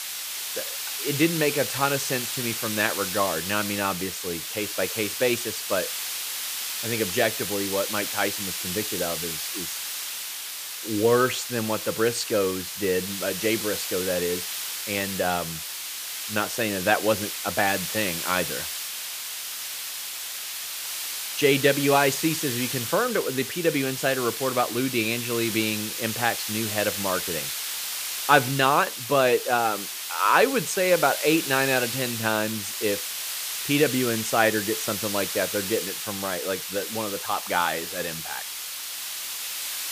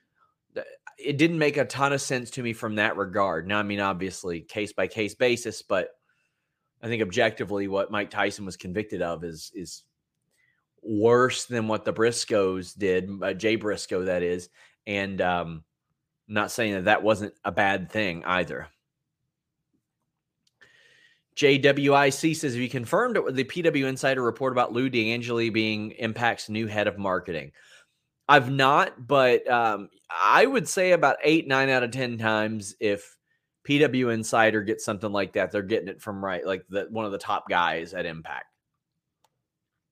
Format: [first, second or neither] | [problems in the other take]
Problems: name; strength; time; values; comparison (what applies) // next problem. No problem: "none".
second | hiss; loud; throughout; 4 dB below the speech